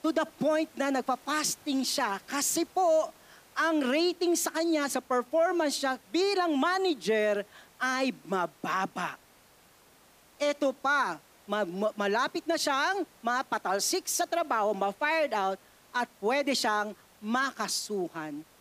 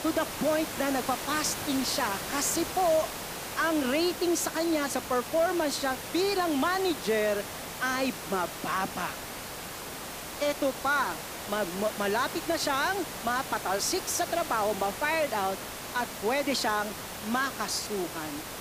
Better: first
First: hiss; faint; throughout; 30 dB below the speech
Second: hiss; loud; throughout; 7 dB below the speech

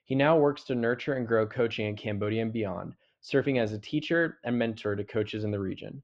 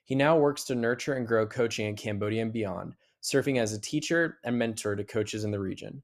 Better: second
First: muffled; slightly; fading above 3.5 kHz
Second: none

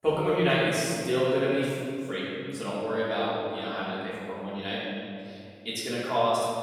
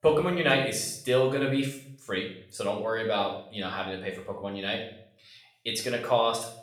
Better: second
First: room echo; strong; dies away in 2.5 s // off-mic speech; far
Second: room echo; slight; dies away in 0.5 s // off-mic speech; somewhat distant

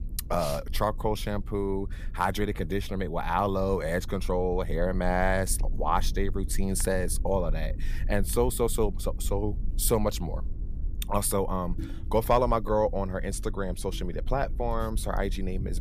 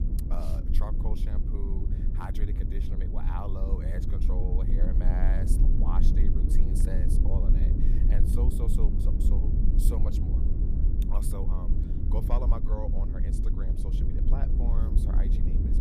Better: first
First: low rumble; faint; throughout; 25 dB below the speech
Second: low rumble; loud; throughout; 1 dB below the speech

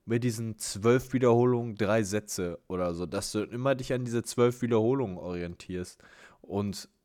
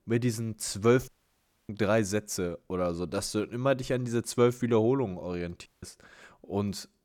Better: first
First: none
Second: audio cutting out; at 1 s for 0.5 s and at 5.5 s

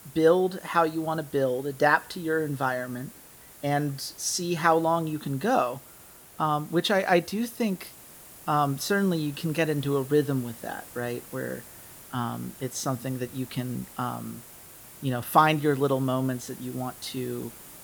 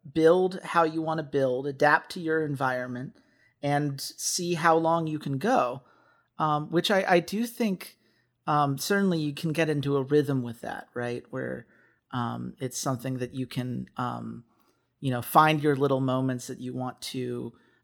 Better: second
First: hiss; noticeable; throughout; 20 dB below the speech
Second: none

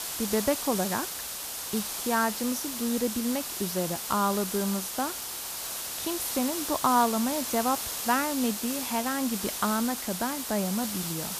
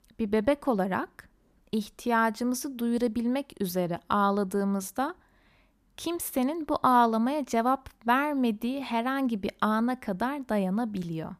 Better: second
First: hiss; loud; throughout; 3 dB below the speech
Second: none

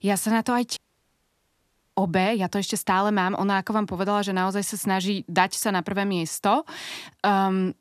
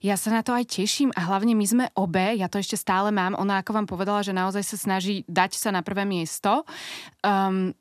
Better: second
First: audio cutting out; at 1 s for 1 s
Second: none

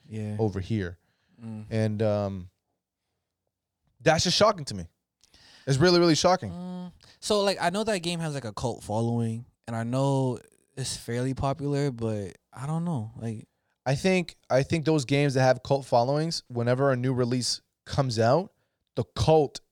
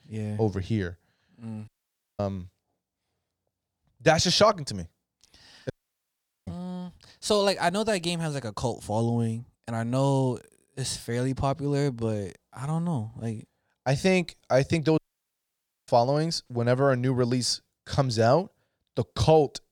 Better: first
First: none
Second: audio cutting out; at 1.5 s for 0.5 s, at 5.5 s for 1 s and at 15 s for 1 s

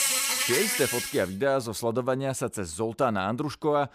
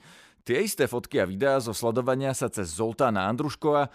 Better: second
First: animal sounds; very loud; until 1 s; 2 dB above the speech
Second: none

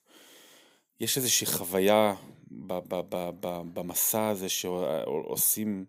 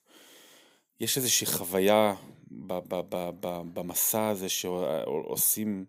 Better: neither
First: none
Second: none

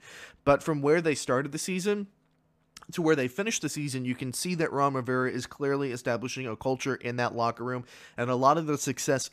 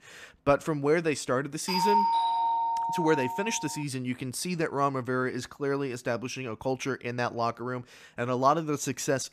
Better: first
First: none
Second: doorbell; loud; from 1.5 to 3.5 s; peak 6 dB above the speech

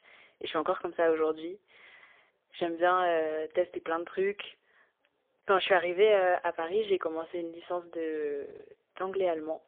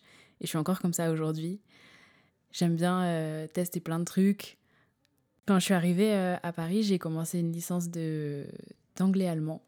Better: second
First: phone-call audio; poor line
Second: none

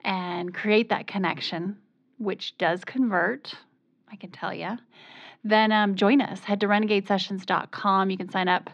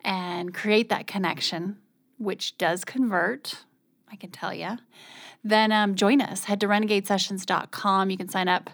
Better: second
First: muffled; very slightly; fading above 3.5 kHz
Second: none

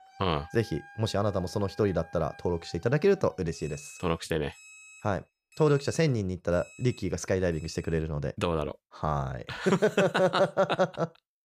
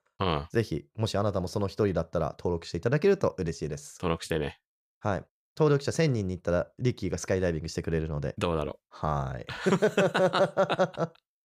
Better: second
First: alarms or sirens; faint; until 8 s; 20 dB below the speech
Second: none

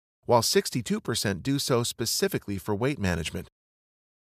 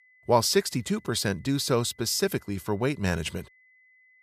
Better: first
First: none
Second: high-pitched whine; faint; throughout; 2 kHz, 30 dB below the speech

